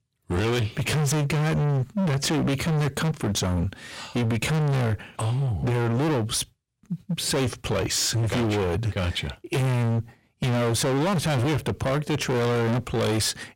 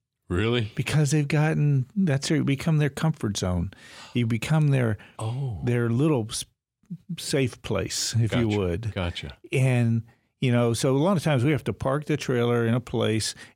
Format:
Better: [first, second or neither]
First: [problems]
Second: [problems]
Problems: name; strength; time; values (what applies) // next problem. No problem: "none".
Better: second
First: distortion; heavy; 36% of the sound clipped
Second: none